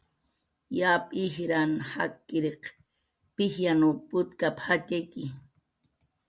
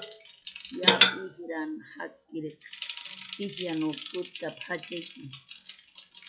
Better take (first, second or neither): first